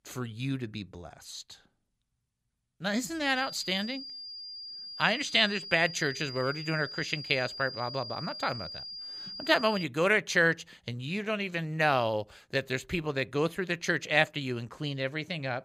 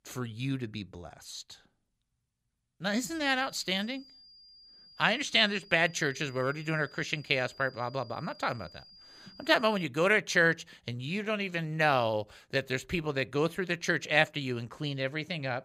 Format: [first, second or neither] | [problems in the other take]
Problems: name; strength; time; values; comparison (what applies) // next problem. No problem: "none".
second | high-pitched whine; loud; from 3.5 to 10 s; 5 kHz, 10 dB below the speech; faint in the second